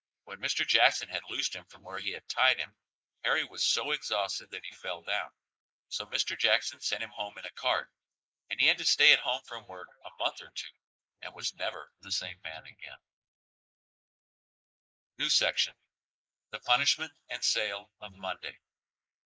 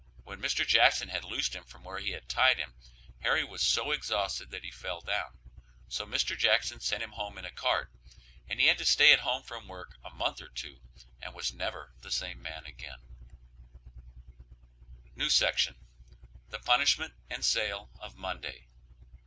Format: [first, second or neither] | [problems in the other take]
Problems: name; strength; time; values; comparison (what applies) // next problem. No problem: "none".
second | noise reduction (neural mask model Resemble Enhance denoiser)